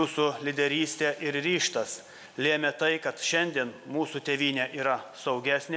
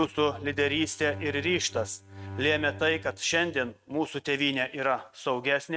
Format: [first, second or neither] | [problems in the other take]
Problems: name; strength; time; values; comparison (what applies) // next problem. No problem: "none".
first | noise reduction (neural mask model RNNoise)